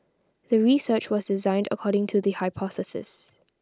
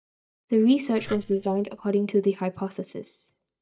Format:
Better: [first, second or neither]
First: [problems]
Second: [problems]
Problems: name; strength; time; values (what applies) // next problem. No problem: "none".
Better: first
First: none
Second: noise reduction (neural mask model DeepFilterNet 3)